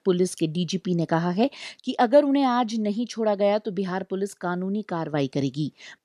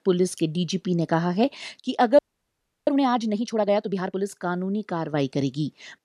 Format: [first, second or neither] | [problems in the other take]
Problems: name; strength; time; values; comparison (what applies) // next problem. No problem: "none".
first | audio freezing; at 2 s for 0.5 s